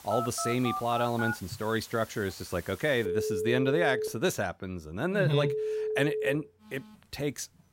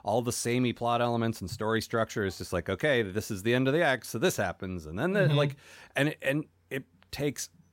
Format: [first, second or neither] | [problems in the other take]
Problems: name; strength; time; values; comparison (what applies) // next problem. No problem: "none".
second | alarms or sirens; loud; throughout; 3 dB below the speech